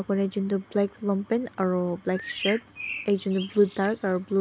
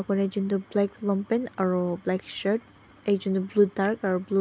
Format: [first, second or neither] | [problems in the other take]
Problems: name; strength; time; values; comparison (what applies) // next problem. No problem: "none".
second | background sound (Bird); 12 dB below the speech